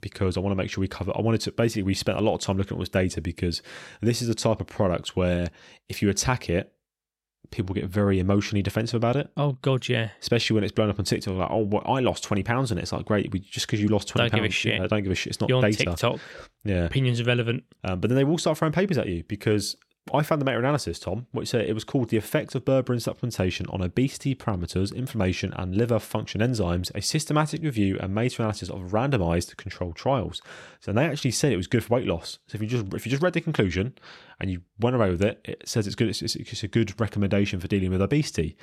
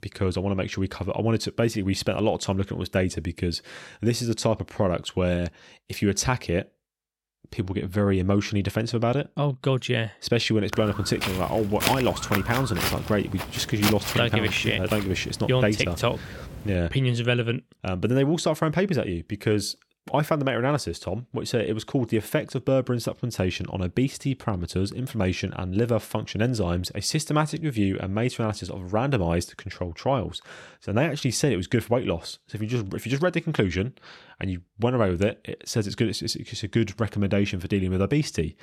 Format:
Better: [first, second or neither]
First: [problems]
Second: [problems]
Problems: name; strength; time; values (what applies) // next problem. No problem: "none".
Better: first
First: none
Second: footsteps; noticeable; from 11 to 17 s; peak level with the speech